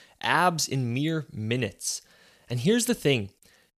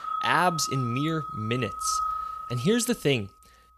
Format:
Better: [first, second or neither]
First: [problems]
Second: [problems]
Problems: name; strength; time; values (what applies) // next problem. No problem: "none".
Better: first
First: none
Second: background music; loud; throughout; 5 dB below the speech